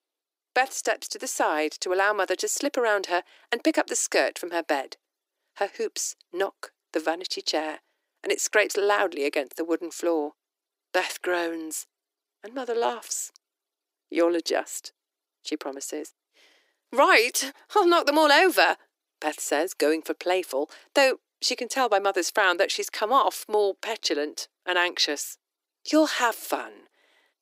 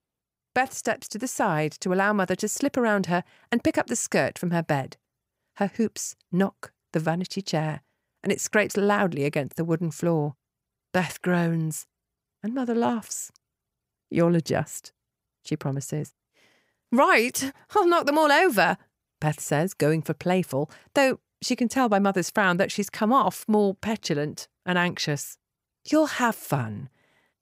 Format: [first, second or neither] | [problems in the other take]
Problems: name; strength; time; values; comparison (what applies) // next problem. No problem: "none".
second | thin; somewhat; fading below 300 Hz